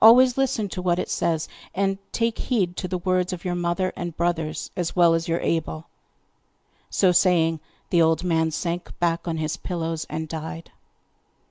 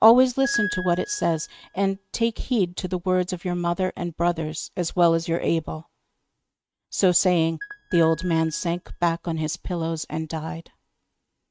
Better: first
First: none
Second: noise reduction (neural mask model RNNoise)

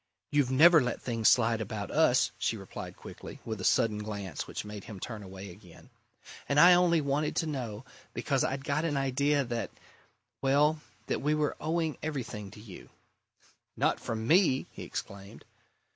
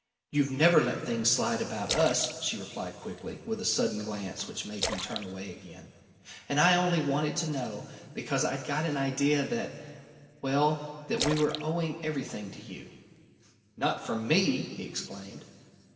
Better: first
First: none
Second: background sound (Splash, splatter); 9 dB below the speech // room echo; dies away in 3 s

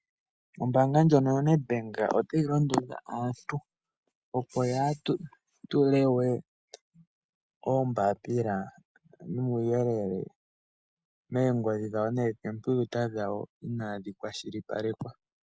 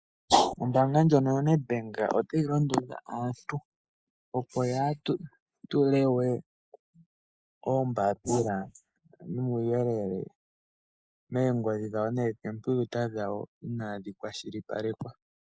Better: first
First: none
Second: noise reduction (neural mask model Resemble Enhance denoiser)

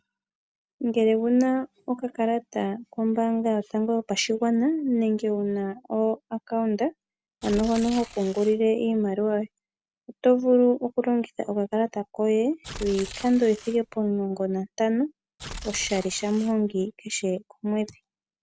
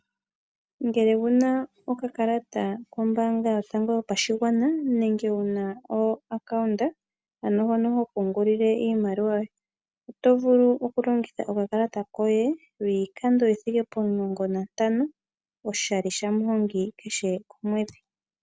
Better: second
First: background sound (Tearing); 15 dB below the speech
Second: none

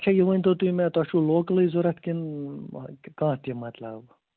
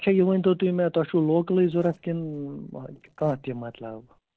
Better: first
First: none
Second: noise reduction (neural separator model SepFormer DNS4)

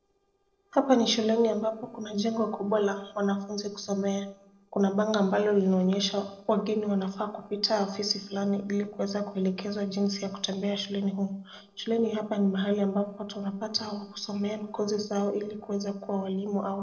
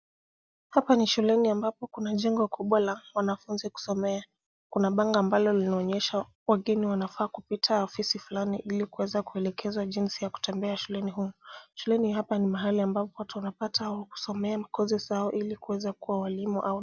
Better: second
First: noise reduction (neural separator model SepFormer DNS4)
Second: none

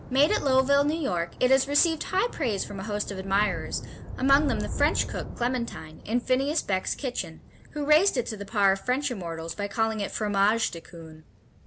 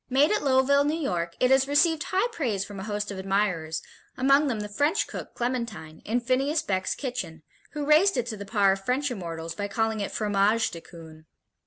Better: second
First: background sound (Thunder / Rain); 13 dB below the speech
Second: none

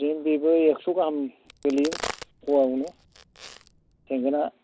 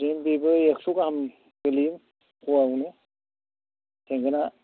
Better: second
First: background sound (Crack); 14 dB below the speech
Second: none

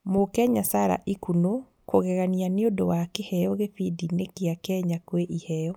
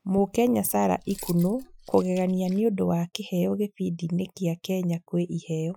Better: first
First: none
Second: noise reduction (classical method Wiener filter)

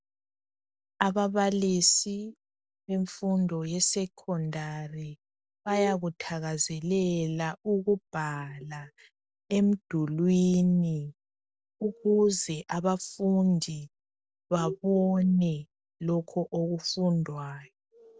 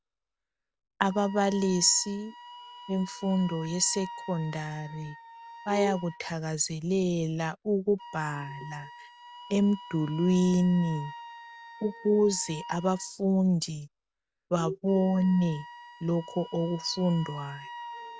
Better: first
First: none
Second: background sound (Wind instrument, woodwind instrument); 17 dB below the speech

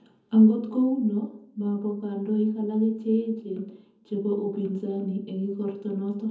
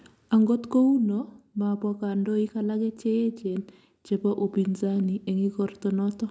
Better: second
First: room echo; dies away in 0.7 s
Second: none

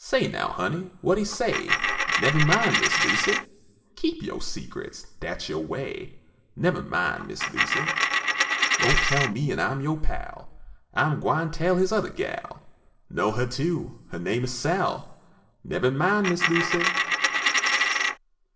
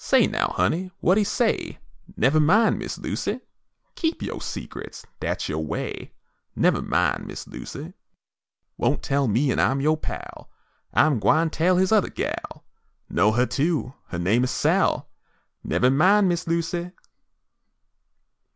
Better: second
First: background sound (Coin (dropping)); 3 dB above the speech // room echo; dies away in 1.4 s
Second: none

